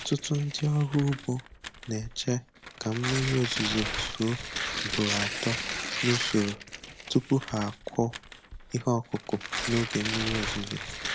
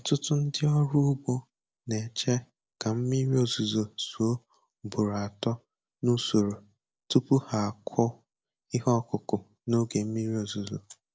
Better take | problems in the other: second | background sound (Tearing); 5 dB below the speech

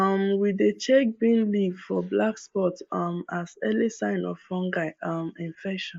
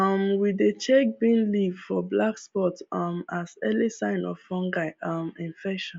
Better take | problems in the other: second | noise reduction (neural mask model Resemble Enhance denoiser)

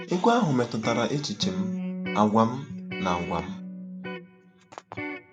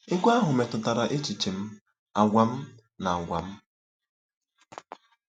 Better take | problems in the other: second | background sound (Electric guitar); 8 dB below the speech

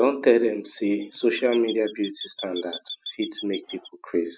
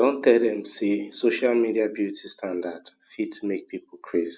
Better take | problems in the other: second | noise reduction (classical method spectral subtraction)

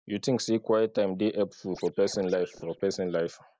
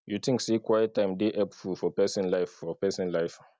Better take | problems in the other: second | noise reduction (neural mask model Resemble Enhance denoiser)

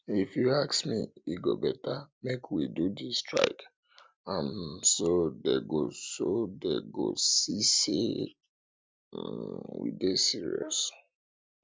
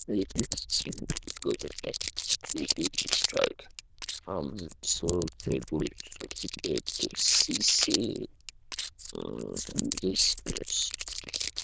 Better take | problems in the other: first | noise reduction (neural diffusion model UNIVERSE++)

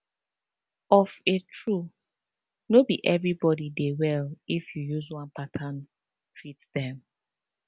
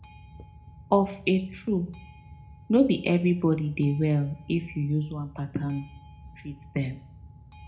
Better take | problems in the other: first | background sound (Boat, Water vehicle); 20 dB below the speech // room echo; dies away in 0.4 s

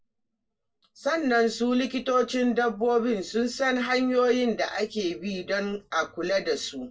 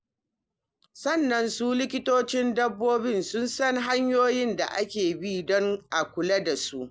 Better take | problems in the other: second | room echo; dies away in 0.1 s

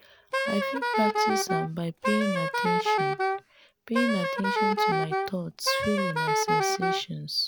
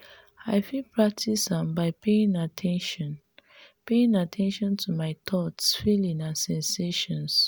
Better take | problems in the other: second | background sound (Wind instrument, woodwind instrument); 4 dB above the speech

